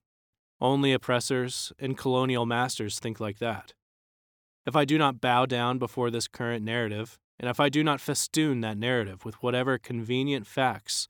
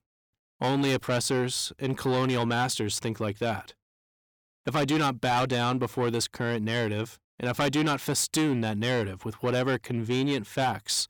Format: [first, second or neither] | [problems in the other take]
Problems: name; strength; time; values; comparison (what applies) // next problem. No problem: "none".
first | distortion; heavy; 8 dB below the speech